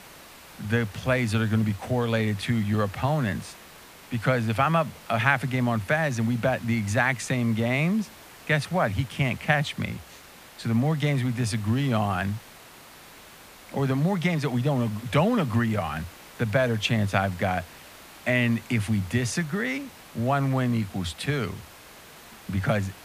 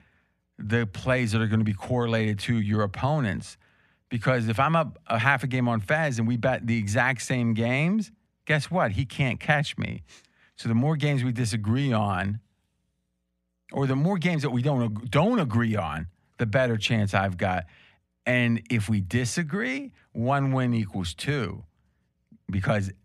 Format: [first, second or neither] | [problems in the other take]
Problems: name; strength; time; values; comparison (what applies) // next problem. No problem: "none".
second | hiss; noticeable; throughout; 20 dB below the speech